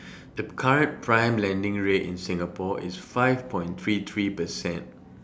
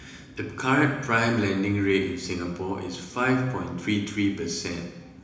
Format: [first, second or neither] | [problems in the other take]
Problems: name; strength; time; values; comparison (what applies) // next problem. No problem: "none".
first | room echo; dies away in 1 s